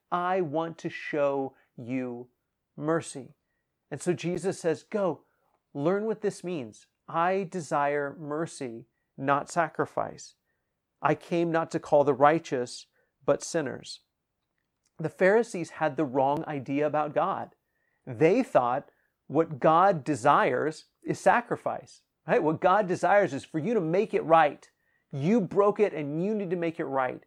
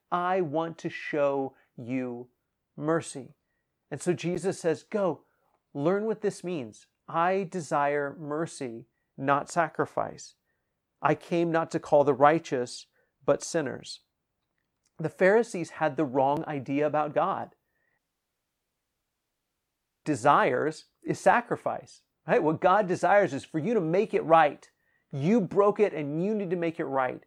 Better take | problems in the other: first | audio cutting out; at 18 s for 2 s

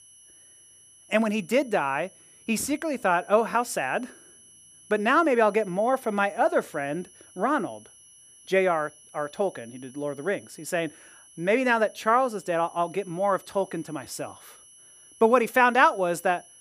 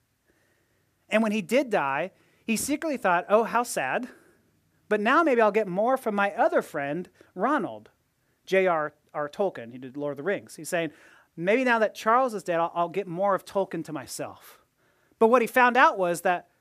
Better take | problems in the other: second | high-pitched whine; faint; throughout; 10.5 kHz, 25 dB below the speech

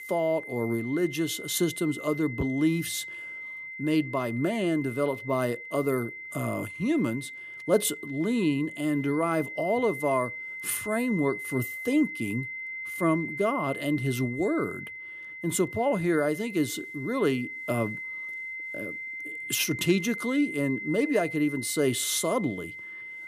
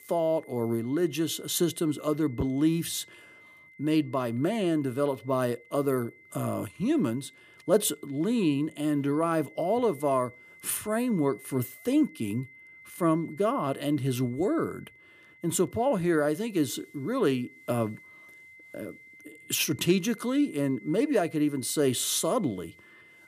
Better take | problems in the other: second | high-pitched whine; loud; throughout; 2 kHz, 9 dB below the speech; faint in the second

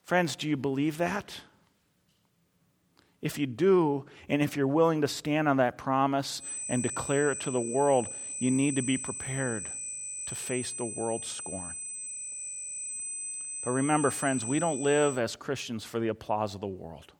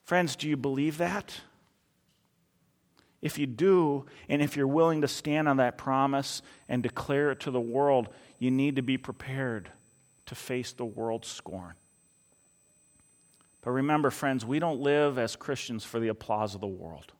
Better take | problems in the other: second | high-pitched whine; loud; from 6.5 to 15 s; 8 kHz, 6 dB below the speech; faint in the second

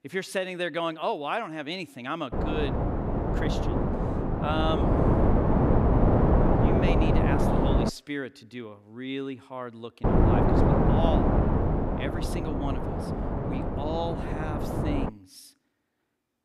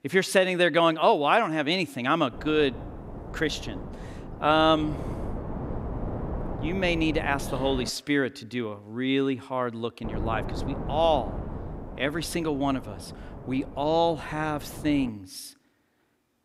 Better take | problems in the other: second | wind noise on the microphone; heavy; from 2.5 to 8 s and from 10 to 15 s; 4 dB above the speech; occasional gusts in the second

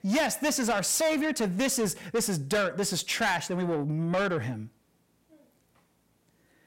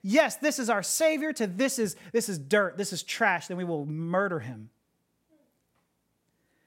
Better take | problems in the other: second | distortion; heavy; 6 dB below the speech

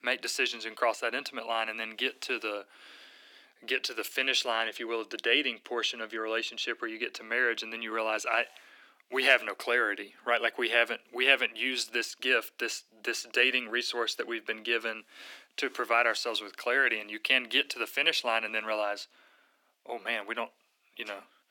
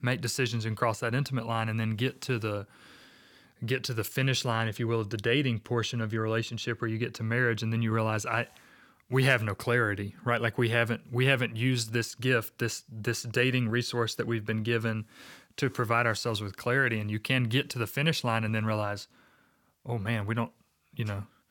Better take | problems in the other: second | thin; very; fading below 300 Hz

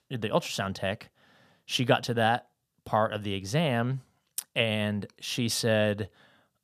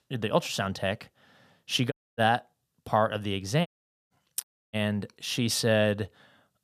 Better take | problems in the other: first | audio cutting out; at 2 s, at 3.5 s and at 4.5 s

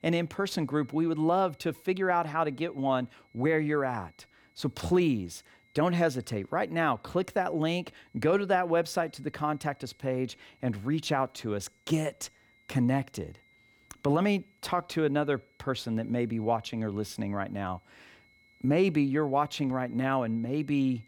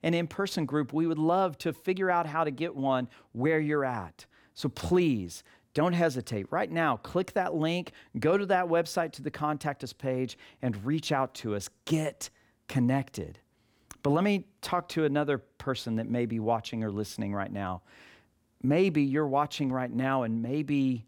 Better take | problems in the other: second | high-pitched whine; faint; throughout; 2 kHz, 35 dB below the speech

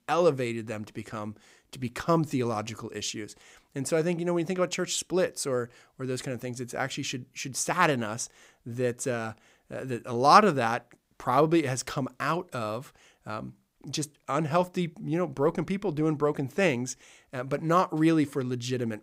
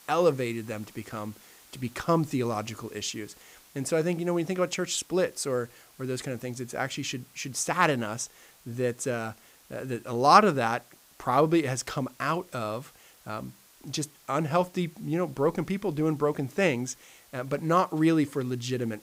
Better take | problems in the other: first | hiss; faint; throughout; 25 dB below the speech

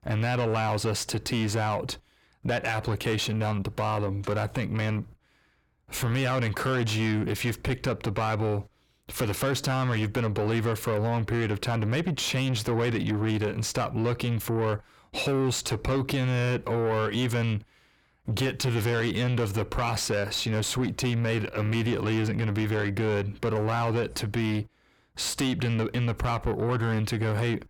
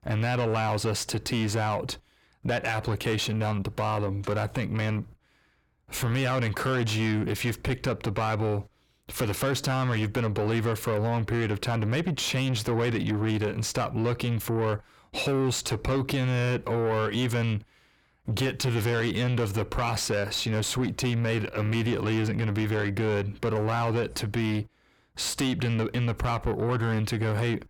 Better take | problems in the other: neither | distortion; slight; 10 dB below the speech; the same in both

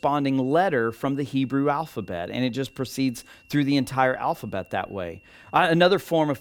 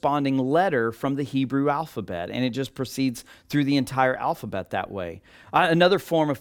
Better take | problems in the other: second | high-pitched whine; faint; throughout; 2.5 kHz, 30 dB below the speech

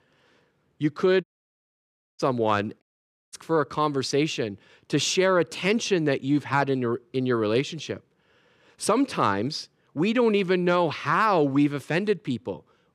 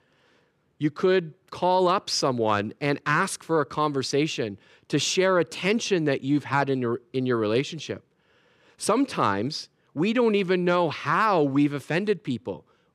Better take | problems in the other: second | audio cutting out; at 1 s for 1 s and at 3 s for 0.5 s

